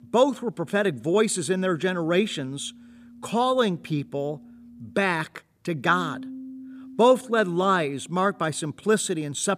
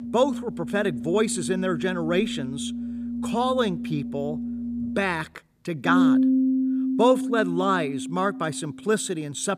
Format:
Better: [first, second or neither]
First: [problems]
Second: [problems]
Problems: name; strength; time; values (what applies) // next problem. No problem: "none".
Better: first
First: background music; faint; throughout; 20 dB below the speech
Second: background music; loud; throughout; 2 dB below the speech